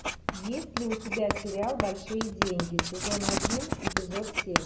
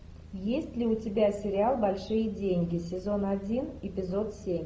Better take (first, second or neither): second